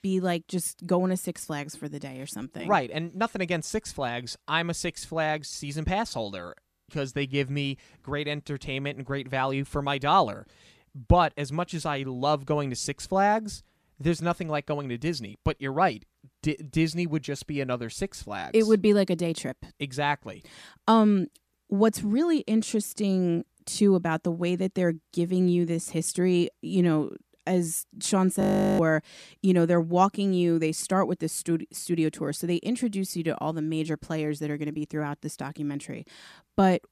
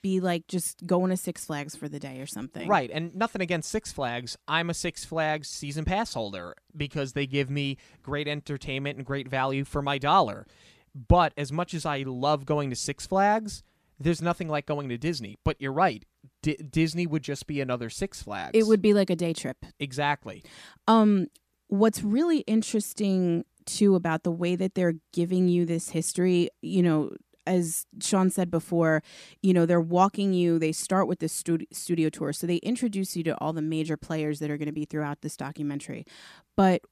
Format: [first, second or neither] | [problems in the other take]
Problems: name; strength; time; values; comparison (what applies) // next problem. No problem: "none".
second | audio freezing; at 6.5 s and at 28 s